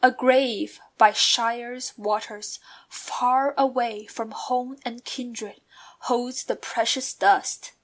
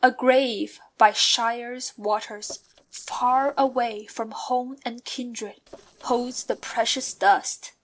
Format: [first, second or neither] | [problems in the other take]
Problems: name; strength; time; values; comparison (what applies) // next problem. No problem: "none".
first | noise reduction (neural separator model SepFormer DNS4)